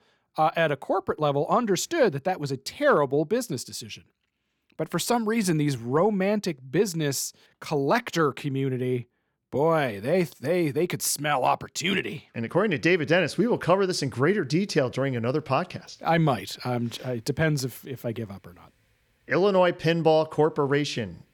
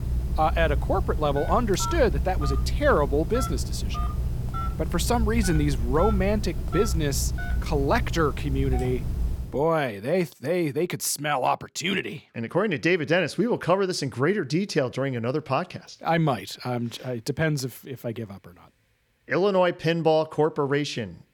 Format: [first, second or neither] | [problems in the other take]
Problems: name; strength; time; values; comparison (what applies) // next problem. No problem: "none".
first | phone ringing; noticeable; until 9.5 s; peak 2 dB below the speech